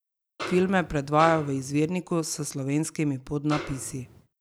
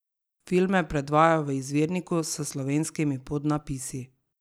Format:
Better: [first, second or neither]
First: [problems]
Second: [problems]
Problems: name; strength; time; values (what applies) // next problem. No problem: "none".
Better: second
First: background sound (Snare drum); 12 dB below the speech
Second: none